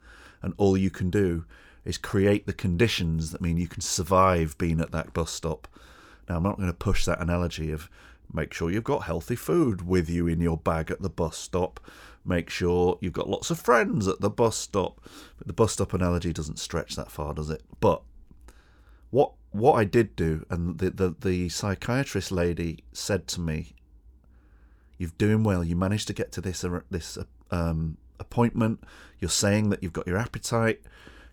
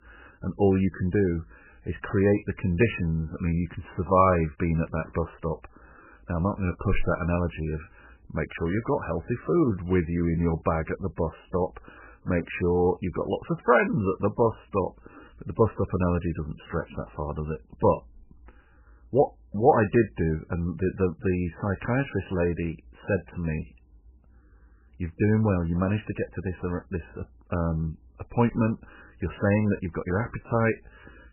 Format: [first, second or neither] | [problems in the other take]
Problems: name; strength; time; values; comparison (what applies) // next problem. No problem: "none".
first | garbled, watery; badly; nothing above 2.5 kHz